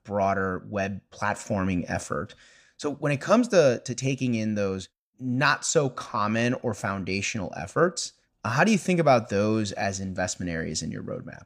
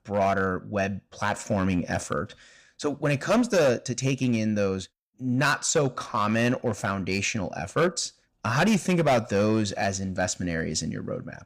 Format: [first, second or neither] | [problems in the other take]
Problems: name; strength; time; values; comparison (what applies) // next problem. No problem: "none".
first | distortion; slight; 5% of the sound clipped